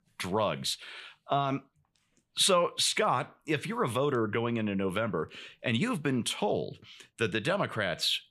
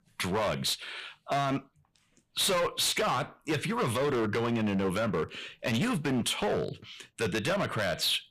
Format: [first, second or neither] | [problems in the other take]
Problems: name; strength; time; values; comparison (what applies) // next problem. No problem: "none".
first | distortion; heavy; 17% of the sound clipped